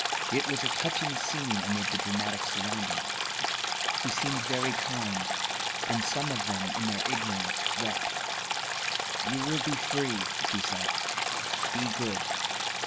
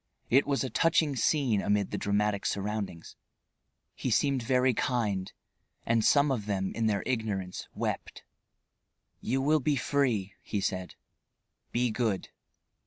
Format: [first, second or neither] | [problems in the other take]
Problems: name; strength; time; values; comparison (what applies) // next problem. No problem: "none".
second | background sound (Stream); 5 dB above the speech // room echo; dies away in 2.1 s